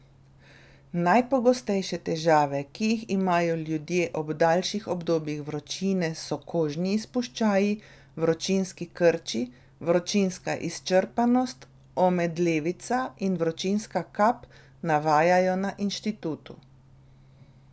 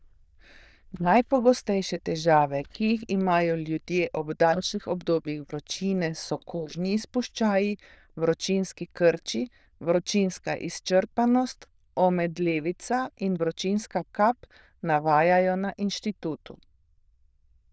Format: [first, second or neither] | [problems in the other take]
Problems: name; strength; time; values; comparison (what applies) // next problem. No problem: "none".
first | noise reduction (neural diffusion model UNIVERSE++)